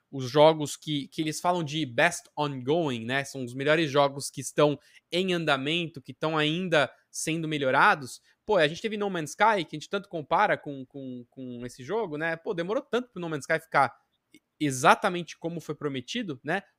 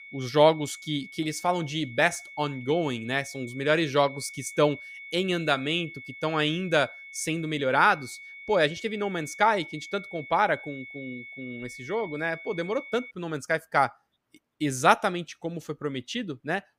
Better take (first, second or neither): first